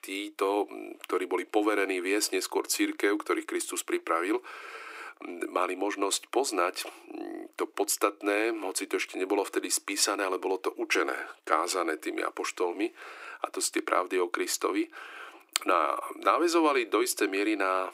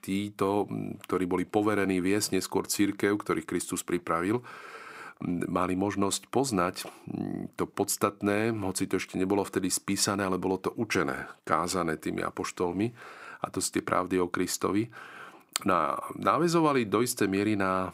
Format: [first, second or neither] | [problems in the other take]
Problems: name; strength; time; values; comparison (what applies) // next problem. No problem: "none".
second | thin; somewhat; fading below 300 Hz